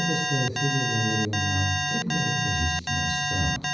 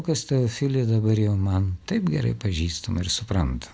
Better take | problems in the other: second | background sound (Alarm); 1 dB above the speech // room echo; dies away in 1 s

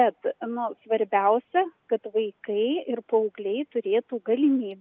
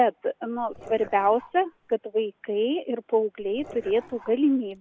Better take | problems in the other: first | background sound (Dog); 20 dB below the speech

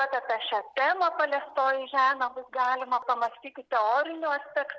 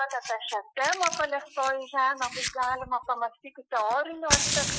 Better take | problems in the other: first | noise reduction (classical method Wiener filter)

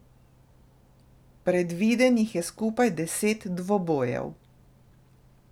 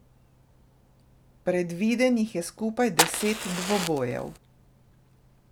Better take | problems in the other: first | background sound (Fire); as loud as the speech

